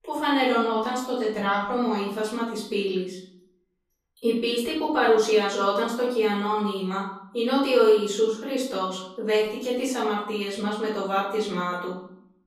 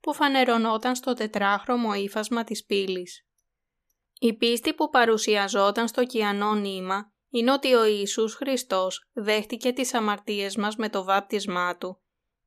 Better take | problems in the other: second | off-mic speech; far // room echo; noticeable; dies away in 0.6 s

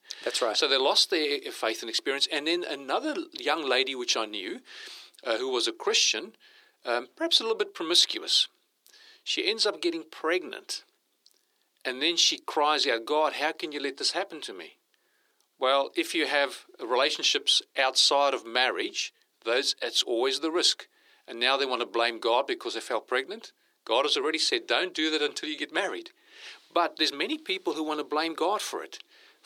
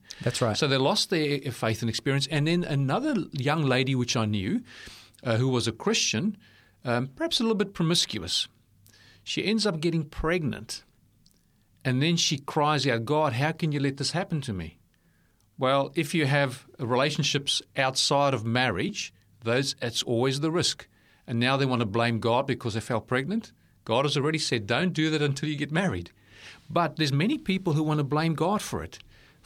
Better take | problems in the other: second | thin; very; fading below 350 Hz

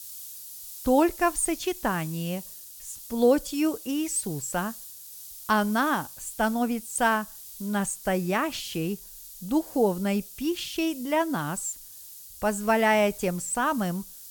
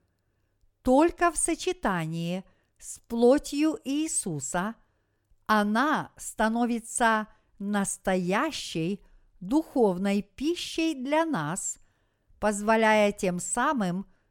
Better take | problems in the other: second | hiss; noticeable; throughout; 15 dB below the speech

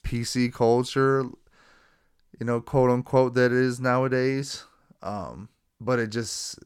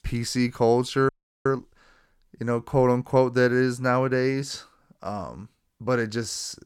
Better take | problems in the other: first | audio freezing; at 1 s

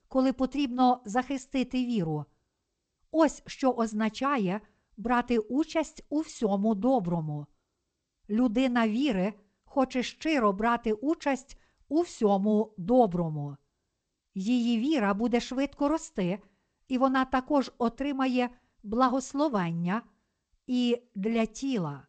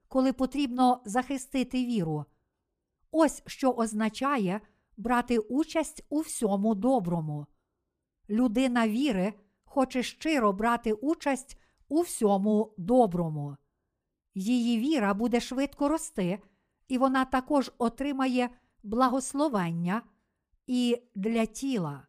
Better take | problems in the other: second | garbled, watery; slightly; nothing above 8 kHz

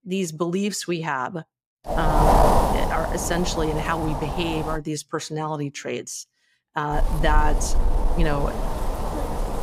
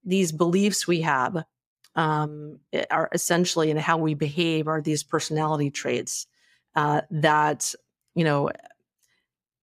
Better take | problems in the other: second | wind noise on the microphone; heavy; from 2 to 5 s and from 7 s on; 2 dB above the speech

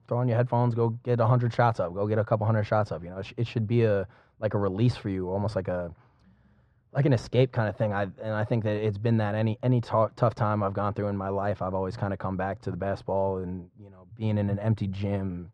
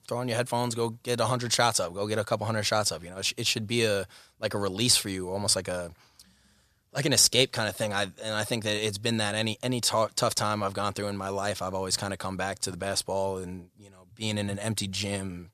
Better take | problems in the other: second | muffled; very; fading above 1 kHz

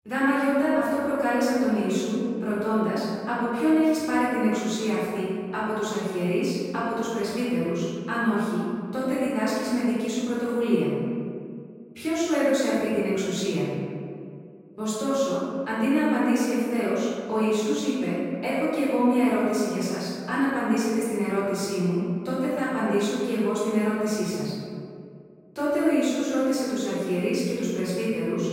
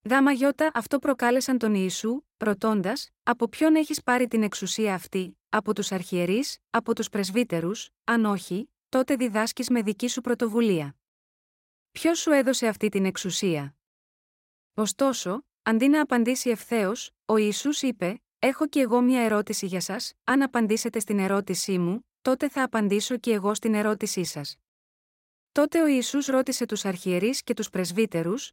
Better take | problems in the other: second | room echo; strong; dies away in 2.1 s // off-mic speech; far

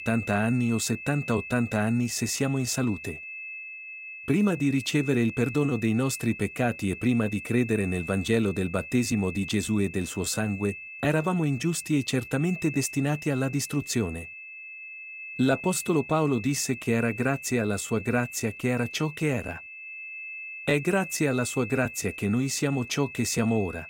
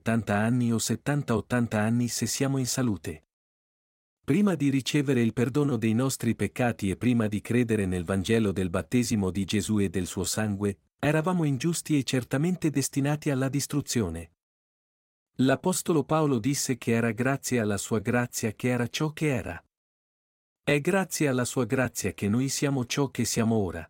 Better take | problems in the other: second | high-pitched whine; noticeable; throughout; 2.5 kHz, 10 dB below the speech

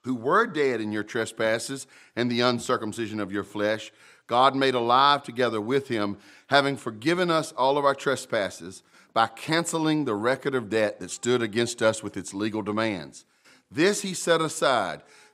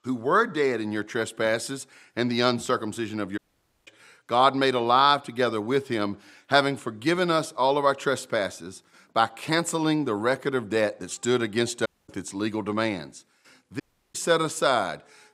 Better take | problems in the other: first | audio cutting out; at 3.5 s, at 12 s and at 14 s

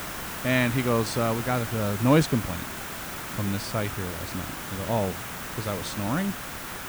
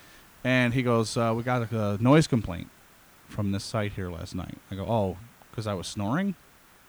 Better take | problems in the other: second | hiss; loud; throughout; 6 dB below the speech; faint in the second

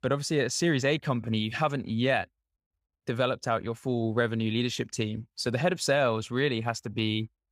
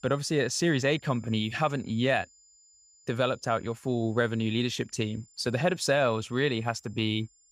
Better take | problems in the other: first | high-pitched whine; faint; throughout; 7 kHz, 30 dB below the speech

